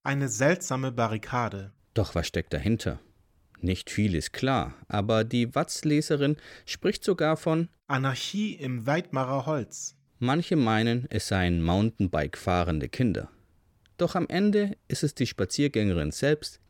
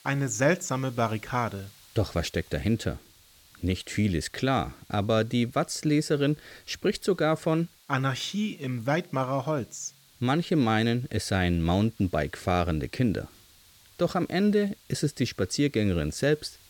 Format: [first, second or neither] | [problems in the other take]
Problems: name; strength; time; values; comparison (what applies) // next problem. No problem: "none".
first | hiss; faint; throughout; 25 dB below the speech